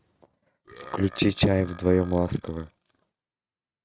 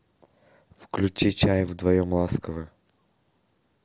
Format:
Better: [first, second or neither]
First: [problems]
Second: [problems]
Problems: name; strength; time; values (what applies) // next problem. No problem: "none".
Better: second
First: noise reduction (neural mask model RNNoise)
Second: none